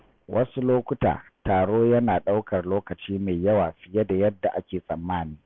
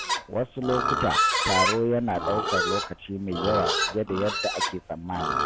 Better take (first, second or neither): first